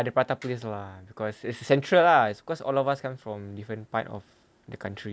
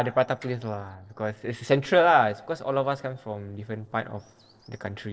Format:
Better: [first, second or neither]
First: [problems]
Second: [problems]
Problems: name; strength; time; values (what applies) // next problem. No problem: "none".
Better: first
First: none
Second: noise reduction (neural separator model SepFormer DNS4)